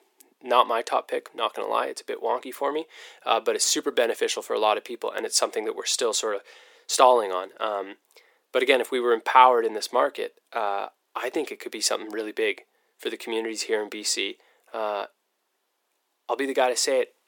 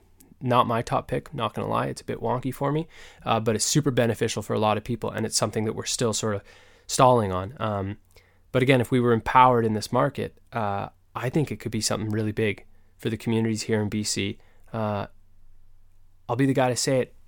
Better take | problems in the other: second | thin; very; fading below 350 Hz

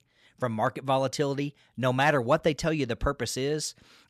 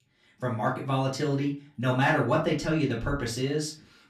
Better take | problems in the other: first | off-mic speech; far // room echo; slight; dies away in 0.3 s

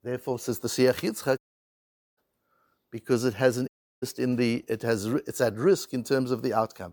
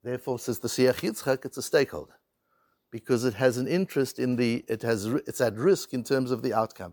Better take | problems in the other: second | audio cutting out; at 1.5 s for 1 s and at 3.5 s

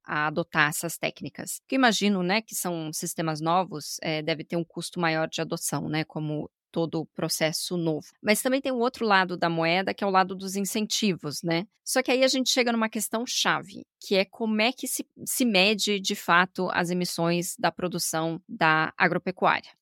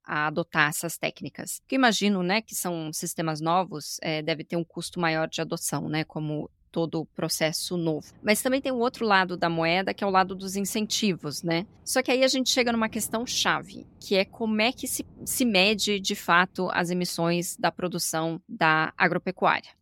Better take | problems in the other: first | rain or running water; faint; throughout; 30 dB below the speech

